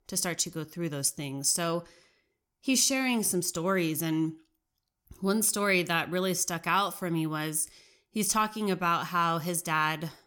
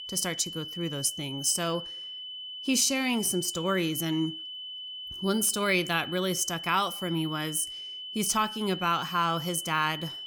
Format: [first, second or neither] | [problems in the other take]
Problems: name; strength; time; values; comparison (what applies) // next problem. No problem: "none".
first | high-pitched whine; loud; throughout; 3 kHz, 9 dB below the speech